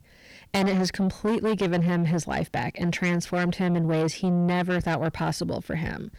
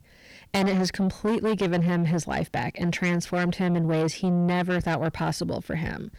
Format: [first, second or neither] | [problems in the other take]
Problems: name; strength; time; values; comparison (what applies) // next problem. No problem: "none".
neither | distortion; heavy; 7 dB below the speech; the same in both